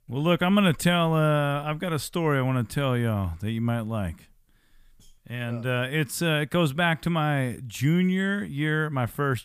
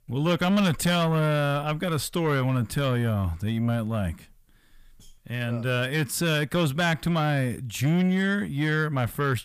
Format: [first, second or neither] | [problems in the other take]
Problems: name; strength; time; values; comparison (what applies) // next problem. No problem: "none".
first | distortion; slight; 10 dB below the speech